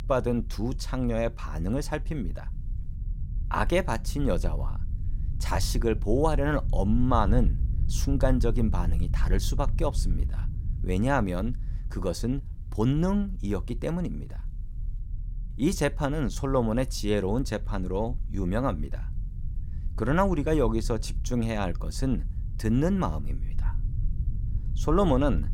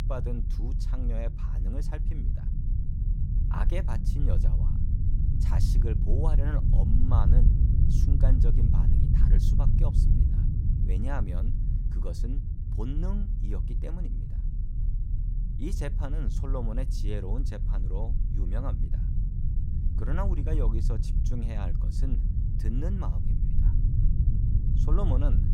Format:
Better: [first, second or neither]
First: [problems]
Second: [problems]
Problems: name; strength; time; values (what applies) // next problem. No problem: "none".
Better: first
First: low rumble; faint; throughout; 20 dB below the speech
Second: low rumble; loud; throughout; 3 dB below the speech